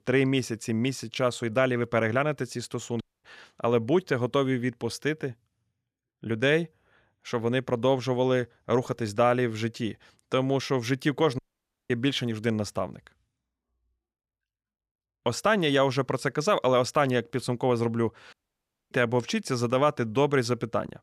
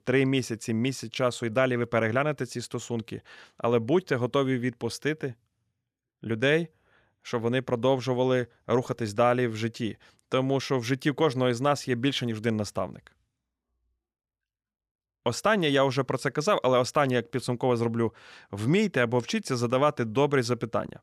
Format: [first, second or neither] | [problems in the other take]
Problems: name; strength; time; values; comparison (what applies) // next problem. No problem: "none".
second | audio cutting out; at 3 s, at 11 s for 0.5 s and at 18 s for 0.5 s